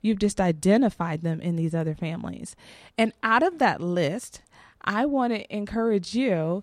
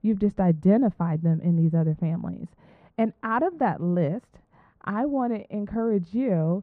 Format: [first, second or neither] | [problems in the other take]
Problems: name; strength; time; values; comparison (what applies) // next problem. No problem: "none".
first | muffled; very; fading above 3 kHz